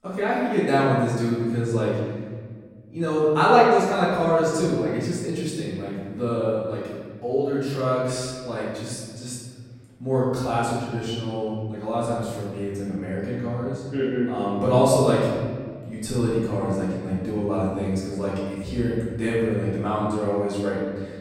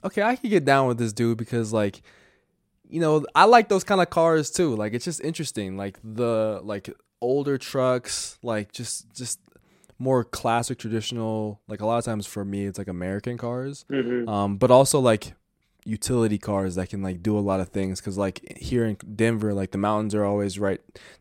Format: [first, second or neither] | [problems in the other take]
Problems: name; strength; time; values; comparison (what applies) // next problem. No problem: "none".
second | room echo; strong; dies away in 1.8 s // off-mic speech; far